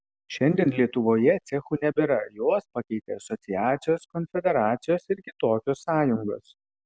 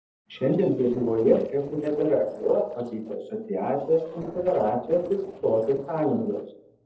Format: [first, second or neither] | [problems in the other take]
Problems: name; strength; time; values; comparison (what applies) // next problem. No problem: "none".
first | noise reduction (neural separator model SepFormer DNS4)